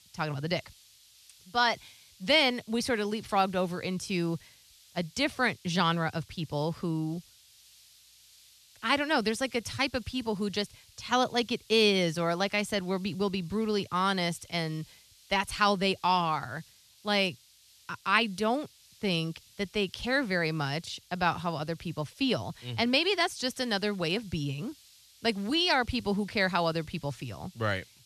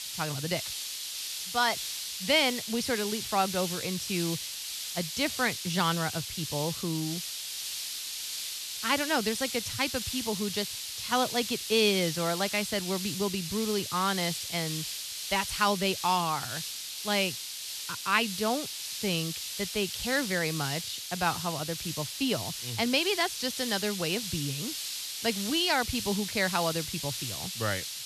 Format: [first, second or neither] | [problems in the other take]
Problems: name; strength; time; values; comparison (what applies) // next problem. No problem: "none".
first | hiss; loud; throughout; 4 dB below the speech; faint in the first